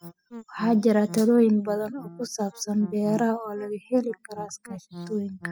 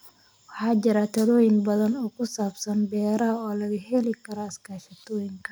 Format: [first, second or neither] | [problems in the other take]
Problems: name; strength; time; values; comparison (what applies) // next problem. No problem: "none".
second | noise reduction (classical method spectral subtraction)